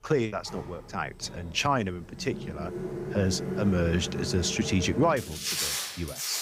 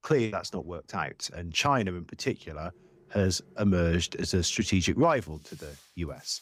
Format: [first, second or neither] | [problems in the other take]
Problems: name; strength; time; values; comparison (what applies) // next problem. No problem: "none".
second | household noises; loud; throughout; 4 dB below the speech; faint in the second